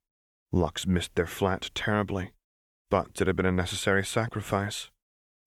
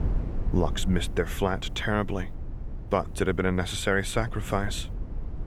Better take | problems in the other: first | low rumble; noticeable; throughout; 20 dB below the speech

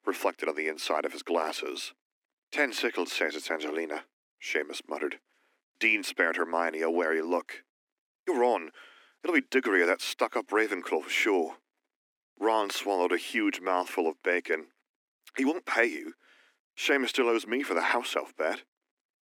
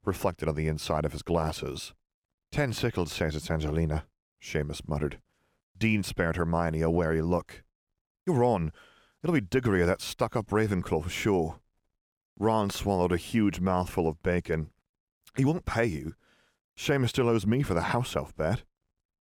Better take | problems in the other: second | thin; somewhat; fading below 250 Hz

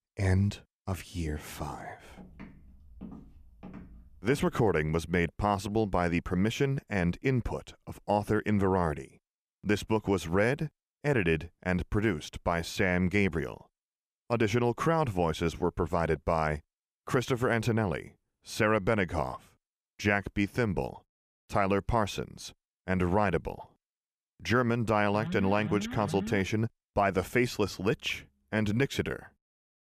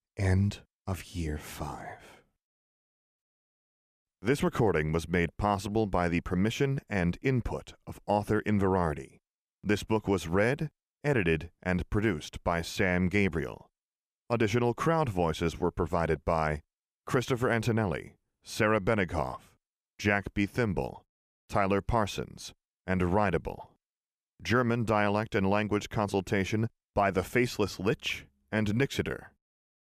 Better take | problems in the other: second | footsteps; faint; from 2 to 5 s; peak 15 dB below the speech // alarm; noticeable; from 25 to 26 s; peak 8 dB below the speech

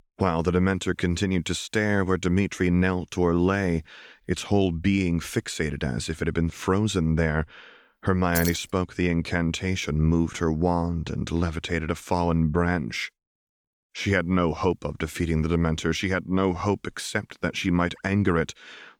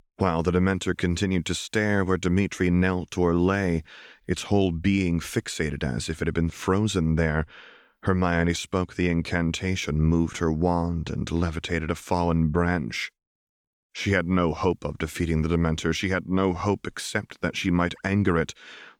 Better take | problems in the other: second | jangling keys; noticeable; at 8.5 s; peak 5 dB below the speech

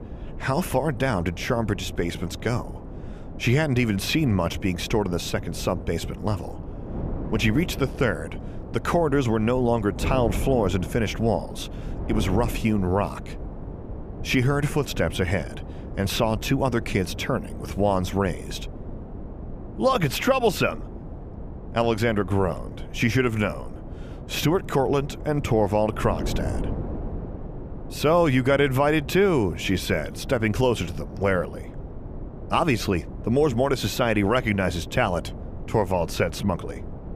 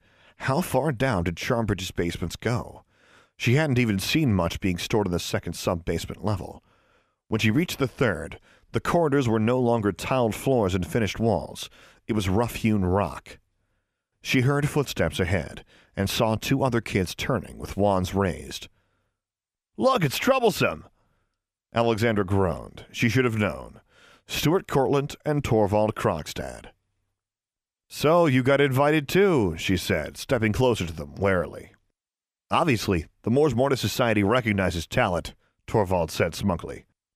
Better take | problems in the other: second | wind noise on the microphone; occasional gusts; 15 dB below the speech

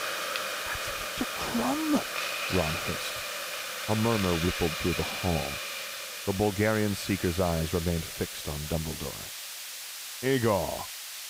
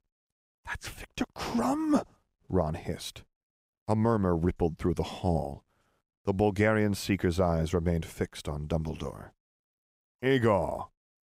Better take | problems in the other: second | hiss; loud; throughout; 3 dB below the speech

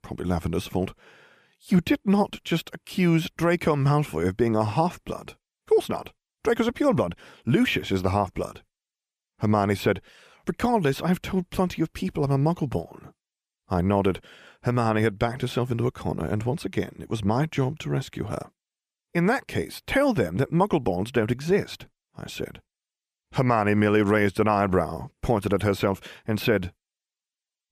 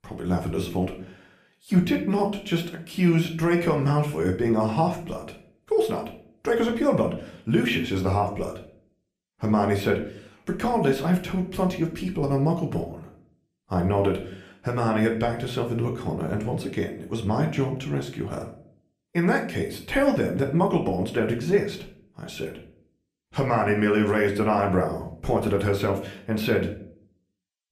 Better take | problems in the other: first | room echo; slight; dies away in 0.4 s // off-mic speech; somewhat distant

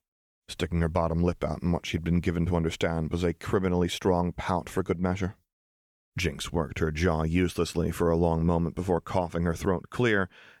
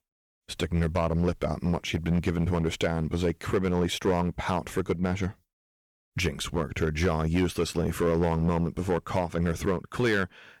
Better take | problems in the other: first | distortion; slight; 6% of the sound clipped

